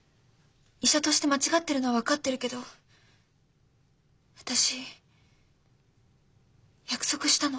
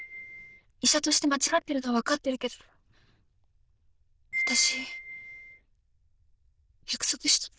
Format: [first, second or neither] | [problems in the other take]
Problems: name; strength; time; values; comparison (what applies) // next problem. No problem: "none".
first | noise reduction (neural diffusion model UNIVERSE++)